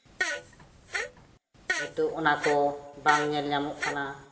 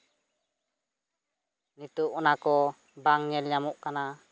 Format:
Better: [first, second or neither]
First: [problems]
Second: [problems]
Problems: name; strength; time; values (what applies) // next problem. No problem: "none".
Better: second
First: background sound (Fart); 6 dB below the speech // room echo; dies away in 0.9 s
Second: none